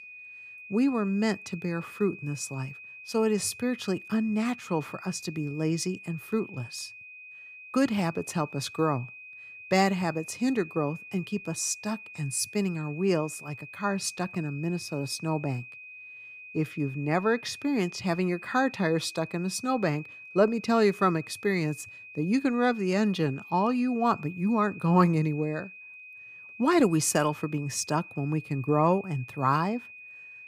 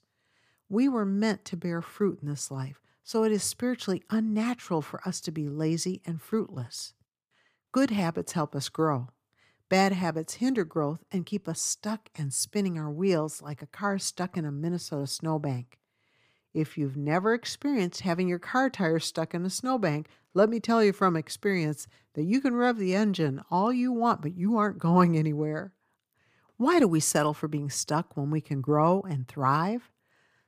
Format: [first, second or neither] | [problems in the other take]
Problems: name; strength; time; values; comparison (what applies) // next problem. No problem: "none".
second | high-pitched whine; noticeable; throughout; 2.5 kHz, 15 dB below the speech